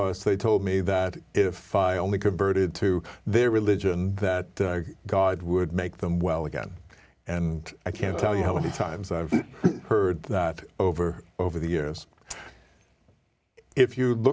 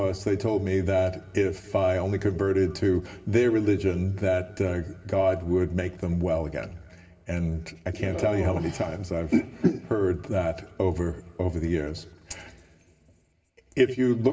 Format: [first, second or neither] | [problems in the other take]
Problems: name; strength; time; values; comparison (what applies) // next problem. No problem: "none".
first | room echo; dies away in 1.7 s